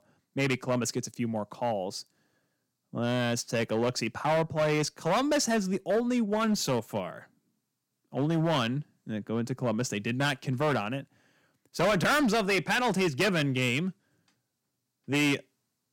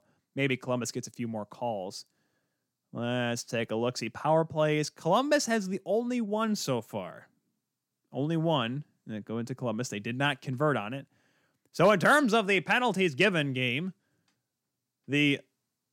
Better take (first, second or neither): second